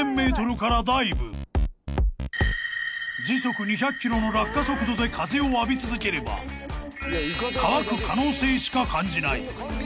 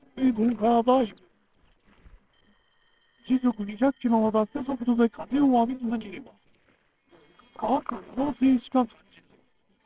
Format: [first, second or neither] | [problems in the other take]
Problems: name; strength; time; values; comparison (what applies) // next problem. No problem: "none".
first | noise reduction (neural separator model SepFormer WHAMR!)